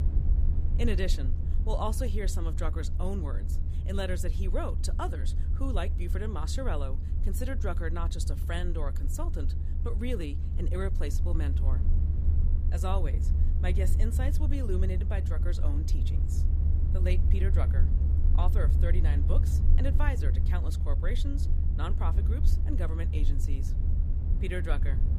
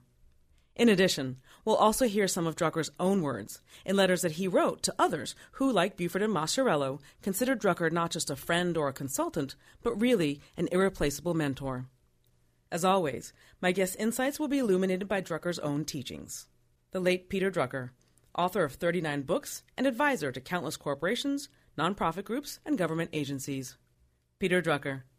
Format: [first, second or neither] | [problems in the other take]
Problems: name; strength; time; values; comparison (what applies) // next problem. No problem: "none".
second | low rumble; loud; throughout; 7 dB below the speech